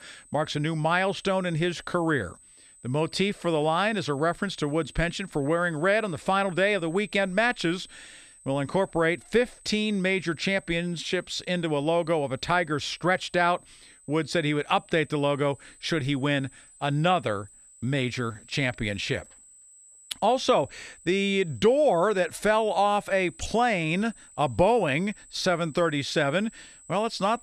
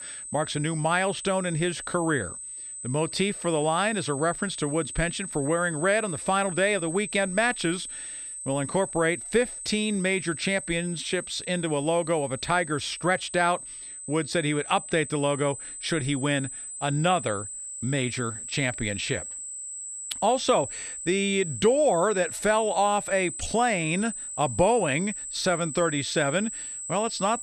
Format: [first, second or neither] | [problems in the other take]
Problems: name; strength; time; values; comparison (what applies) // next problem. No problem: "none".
first | high-pitched whine; loud; throughout; 8 kHz, 8 dB below the speech; faint in the first